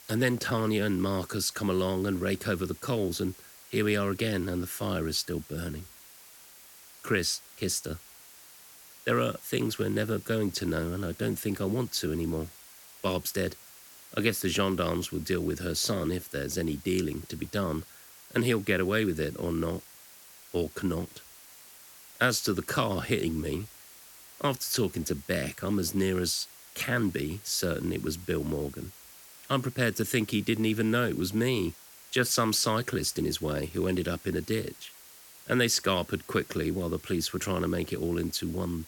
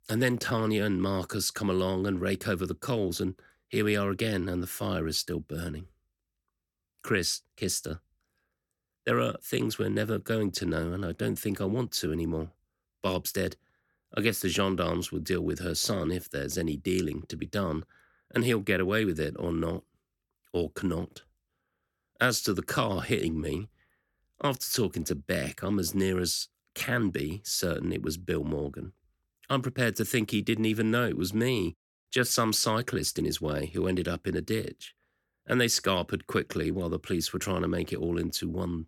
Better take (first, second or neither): second